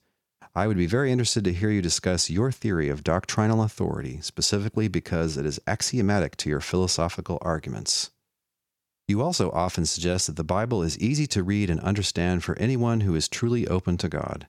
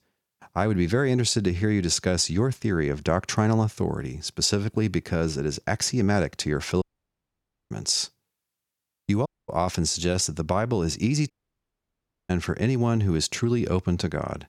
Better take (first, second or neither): first